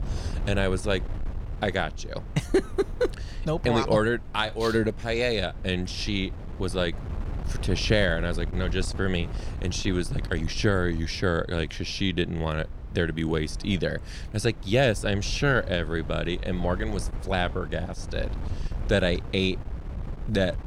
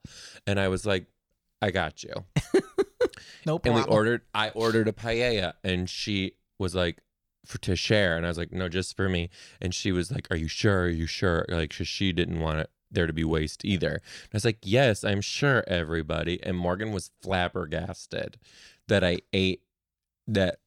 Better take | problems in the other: second | wind noise on the microphone; occasional gusts; 20 dB below the speech

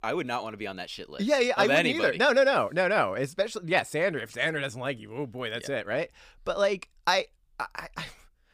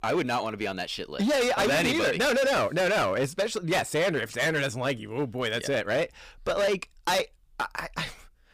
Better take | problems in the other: first | distortion; heavy; 17% of the sound clipped

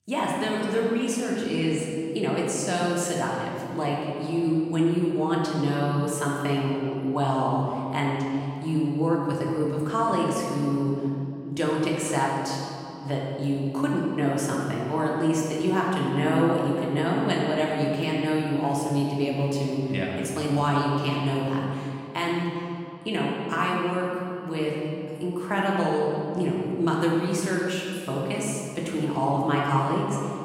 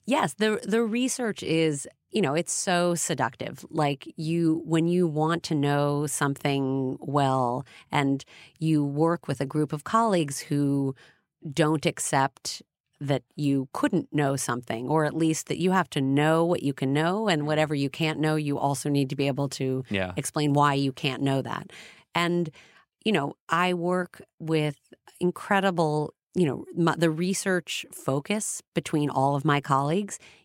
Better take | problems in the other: second | room echo; noticeable; dies away in 2.3 s // off-mic speech; far

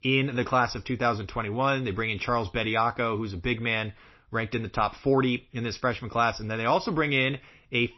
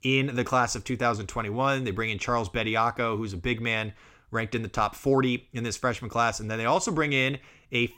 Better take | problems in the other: second | garbled, watery; slightly; nothing above 5.5 kHz

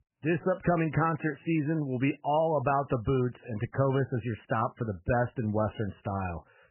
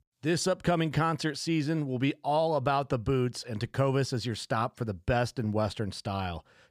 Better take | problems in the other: second | garbled, watery; badly; nothing above 3 kHz

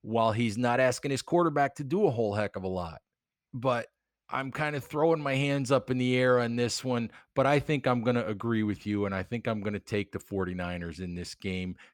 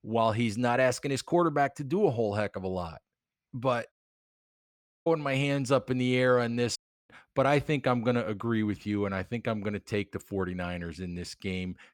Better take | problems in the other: first | audio cutting out; at 4 s for 1 s and at 7 s

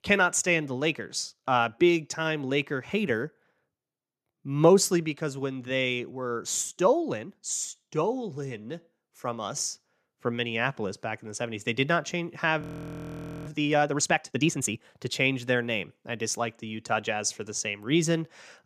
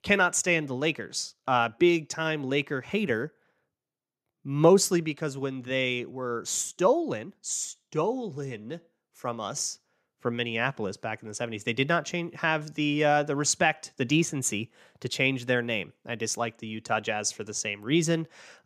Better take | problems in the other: second | audio freezing; at 13 s for 1 s

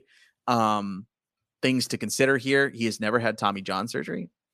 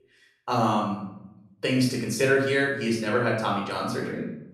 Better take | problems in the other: first | off-mic speech; far // room echo; noticeable; dies away in 0.7 s

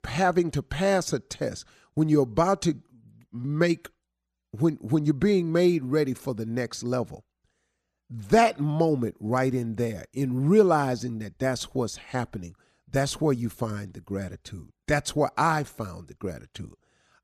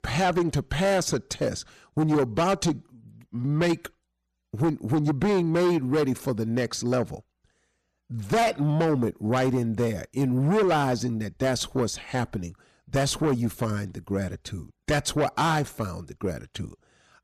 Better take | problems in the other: first | distortion; heavy; 7 dB below the speech

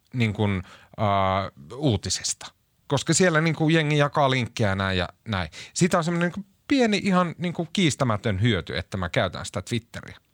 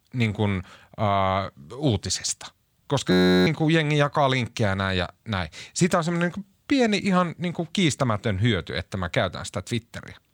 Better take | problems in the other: first | audio freezing; at 3 s

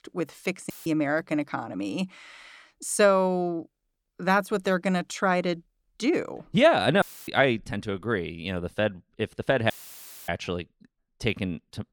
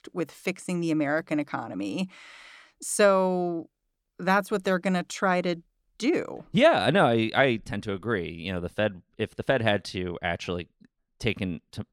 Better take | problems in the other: second | audio cutting out; filled with static; at 0.5 s, at 7 s and at 9.5 s for 0.5 s

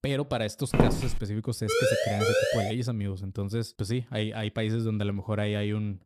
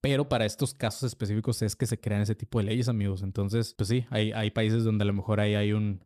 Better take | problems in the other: second | footsteps; loud; at 0.5 s; peak 6 dB above the speech // siren; loud; from 1.5 to 2.5 s; peak 6 dB above the speech

